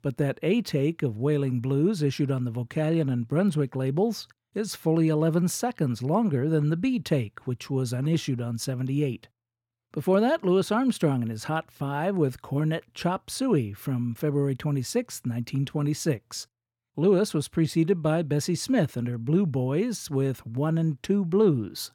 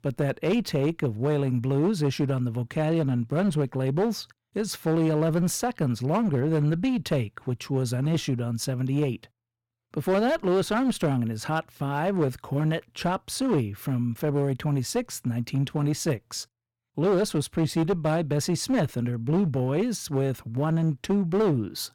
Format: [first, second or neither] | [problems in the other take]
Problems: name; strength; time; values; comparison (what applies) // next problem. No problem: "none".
first | distortion; slight; 11% of the sound clipped